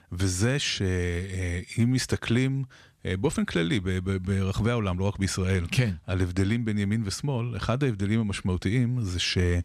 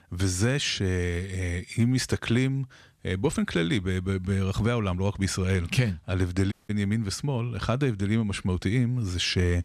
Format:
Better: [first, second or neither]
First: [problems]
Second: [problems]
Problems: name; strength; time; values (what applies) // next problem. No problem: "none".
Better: first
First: none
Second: audio cutting out; at 6.5 s